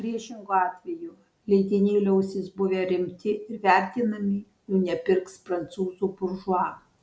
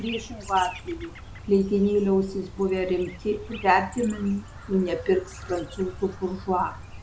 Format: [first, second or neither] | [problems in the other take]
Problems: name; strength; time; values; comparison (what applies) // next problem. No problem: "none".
first | background sound (Chirp, tweet); 15 dB below the speech